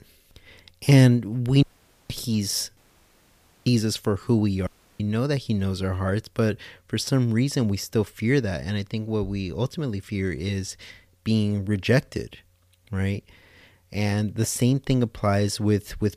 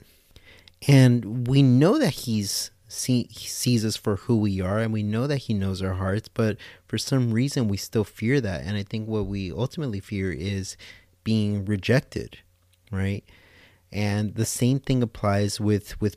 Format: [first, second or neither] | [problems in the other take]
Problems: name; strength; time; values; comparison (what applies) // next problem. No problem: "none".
second | audio cutting out; at 1.5 s, at 3 s for 1 s and at 4.5 s